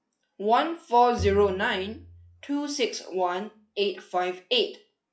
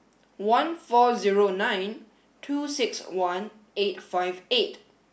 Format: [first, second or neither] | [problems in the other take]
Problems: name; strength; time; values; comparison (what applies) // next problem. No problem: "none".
second | noise reduction (classical method log-MMSE)